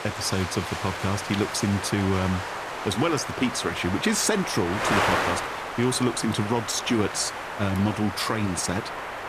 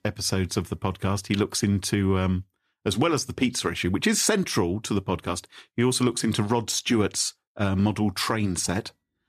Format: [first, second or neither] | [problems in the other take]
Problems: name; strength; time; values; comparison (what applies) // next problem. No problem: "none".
second | wind noise on the microphone; heavy; as loud as the speech